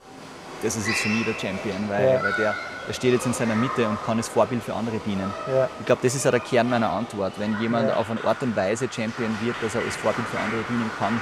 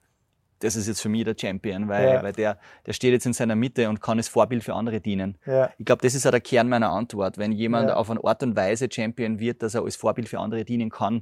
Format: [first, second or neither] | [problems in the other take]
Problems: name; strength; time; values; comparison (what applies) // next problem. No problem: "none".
second | crowd noise; loud; throughout; 6 dB below the speech